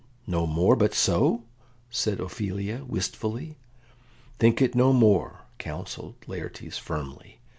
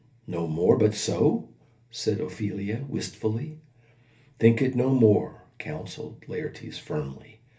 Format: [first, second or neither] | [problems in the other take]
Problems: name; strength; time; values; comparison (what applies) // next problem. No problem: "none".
first | room echo; dies away in 0.3 s